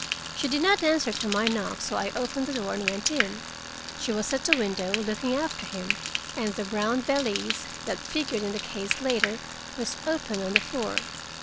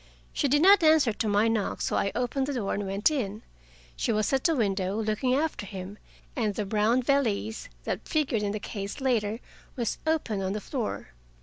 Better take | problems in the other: second | background sound (Frying (food) + Tools); 4 dB below the speech

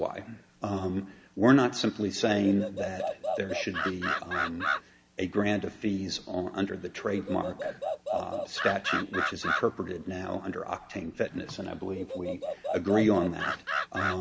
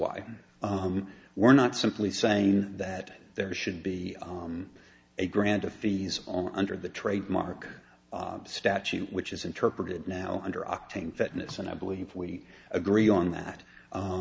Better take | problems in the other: second | background sound (Animal); 5 dB below the speech

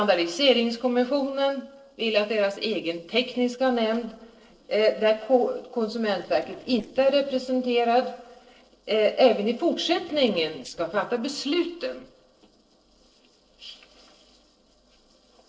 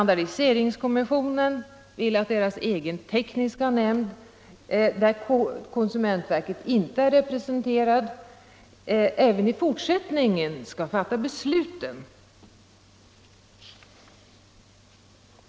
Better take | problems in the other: second | noise reduction (neural separator model SepFormer DNS4)

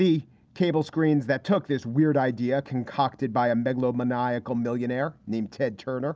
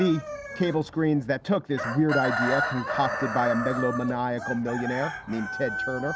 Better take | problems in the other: first | background sound (Chicken, rooster); 5 dB below the speech

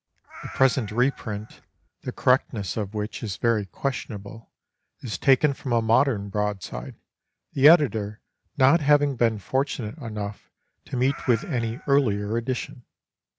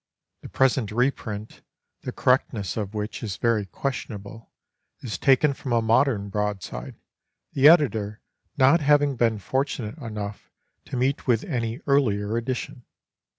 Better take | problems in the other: second | background sound (Meow); 19 dB below the speech

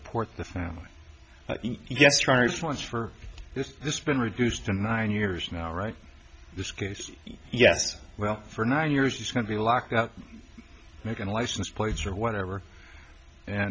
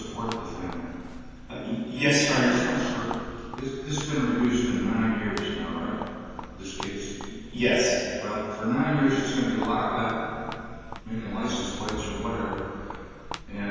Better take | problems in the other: first | background sound (Walk, footsteps); 13 dB below the speech // room echo; dies away in 2.1 s

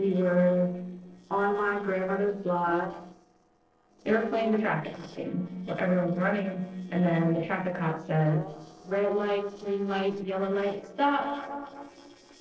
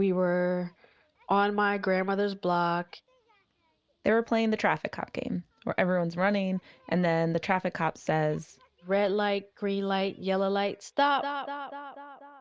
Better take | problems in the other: second | noise reduction (neural separator model SepFormer DNS4)

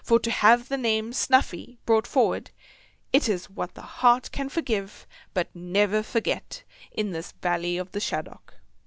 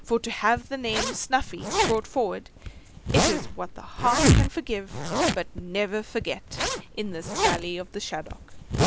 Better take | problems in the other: first | background sound (Zipper (clothing)); 2 dB above the speech

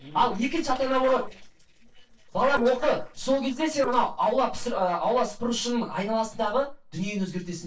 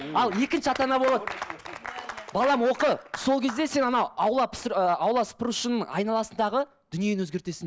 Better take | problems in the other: second | noise reduction (neural separator model SepFormer DNS4)

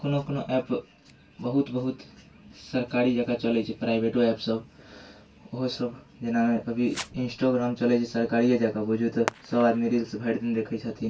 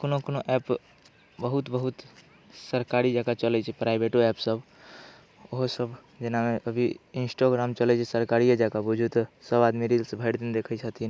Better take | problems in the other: second | background sound (Fireworks); 19 dB below the speech // room echo; dies away in 0.1 s

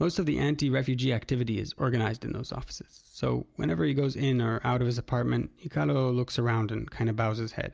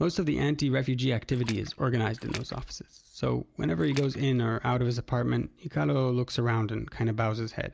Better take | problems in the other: first | background sound (Splash, splatter); 17 dB below the speech

